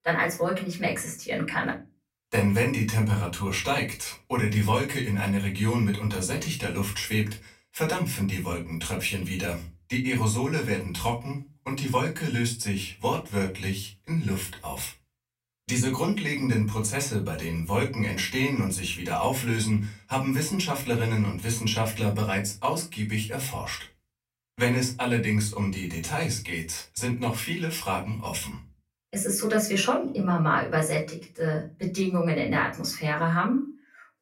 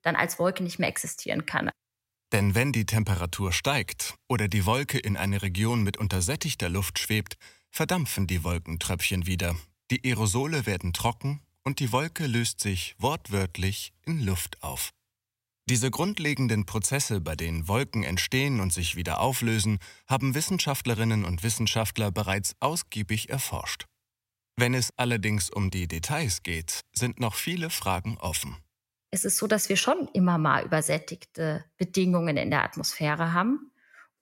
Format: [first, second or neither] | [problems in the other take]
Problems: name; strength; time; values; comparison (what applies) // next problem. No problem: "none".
second | off-mic speech; far // room echo; very slight; dies away in 0.2 s